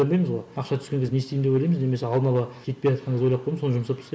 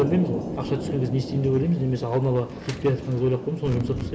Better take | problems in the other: first | background sound (Thunder); 7 dB below the speech

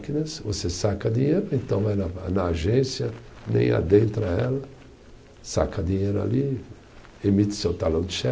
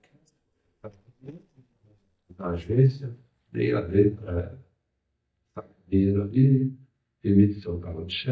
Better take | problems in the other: first | noise reduction (neural mask model DeepFilterNet 3)

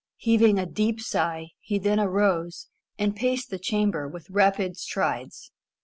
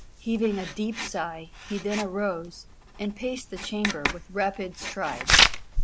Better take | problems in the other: first | background sound (Writing); 2 dB above the speech

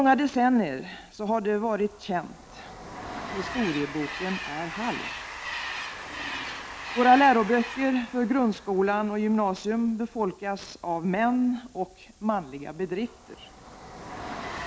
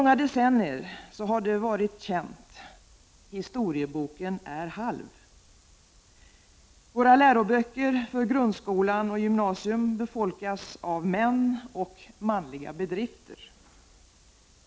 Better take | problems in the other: second | background sound (Train); 12 dB below the speech

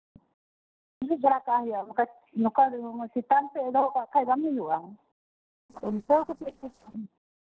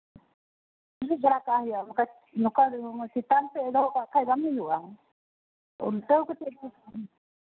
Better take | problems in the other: second | noise reduction (neural separator model SepFormer DNS4)

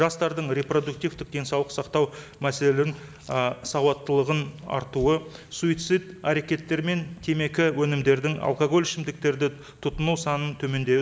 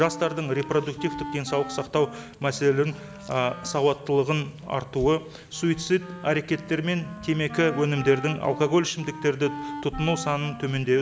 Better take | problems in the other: first | background sound (Wind instrument, woodwind instrument); 14 dB below the speech

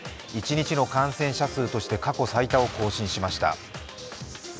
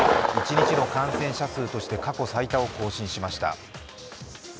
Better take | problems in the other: first | background sound (Thunder); 1 dB above the speech

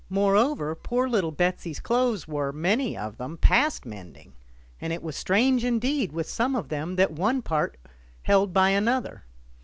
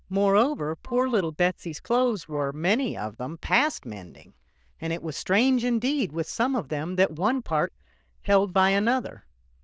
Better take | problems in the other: first | noise reduction (neural diffusion model UNIVERSE++)

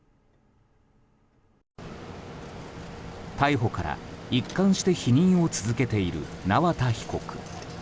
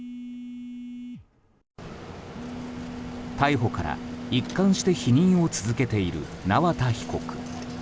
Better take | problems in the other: first | background sound (Telephone); 12 dB below the speech

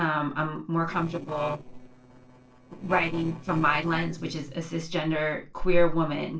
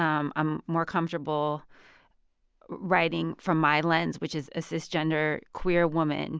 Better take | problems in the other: second | noise reduction (neural separator model SepFormer DNS4)

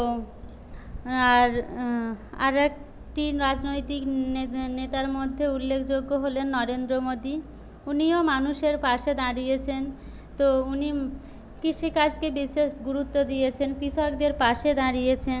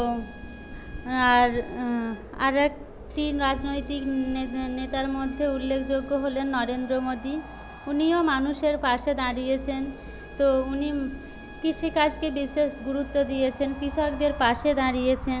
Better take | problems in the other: first | background sound (Wind + Bowed string instrument); 19 dB below the speech

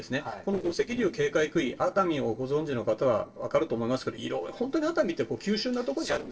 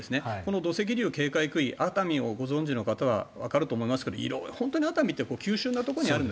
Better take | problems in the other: second | noise reduction (neural separator model SepFormer DNS4)

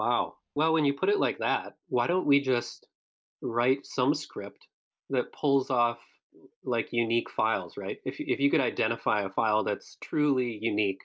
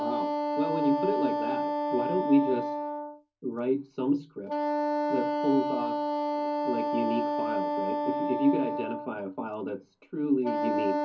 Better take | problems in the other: first | background sound (Wind instrument, woodwind instrument); as loud as the speech // room echo; dies away in 0.4 s

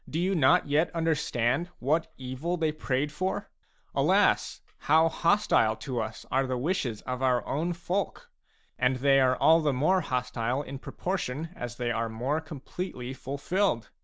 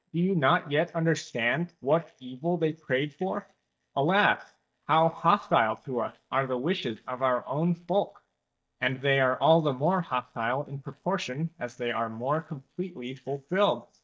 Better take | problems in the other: first | noise reduction (neural mask model DeepFilterNet 3)

